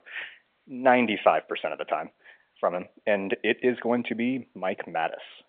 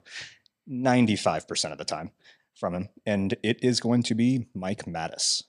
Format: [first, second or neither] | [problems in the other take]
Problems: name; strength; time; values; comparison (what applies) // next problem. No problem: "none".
second | phone-call audio; nothing above 3.5 kHz